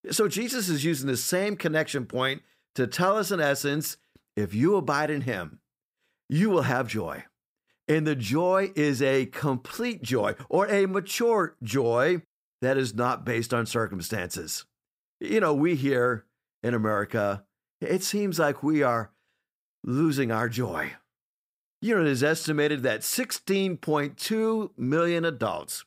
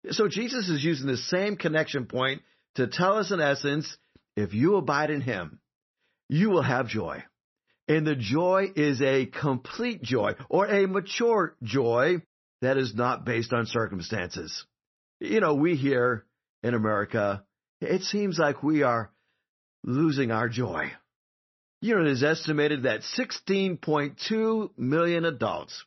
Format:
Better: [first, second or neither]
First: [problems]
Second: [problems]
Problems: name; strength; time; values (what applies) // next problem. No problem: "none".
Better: first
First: none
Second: garbled, watery; slightly; nothing above 6 kHz